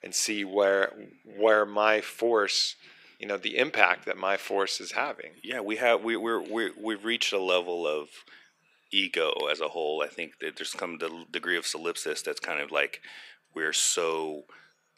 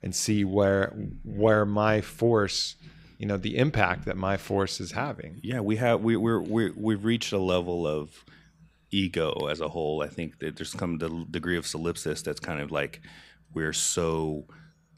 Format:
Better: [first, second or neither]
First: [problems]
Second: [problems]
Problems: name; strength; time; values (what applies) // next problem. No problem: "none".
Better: second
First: thin; very; fading below 400 Hz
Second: none